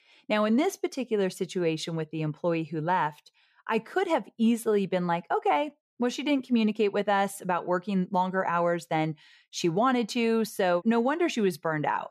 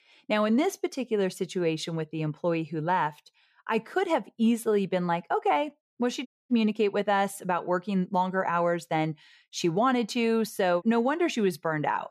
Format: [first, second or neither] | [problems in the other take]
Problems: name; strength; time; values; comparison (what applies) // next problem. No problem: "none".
first | audio cutting out; at 6.5 s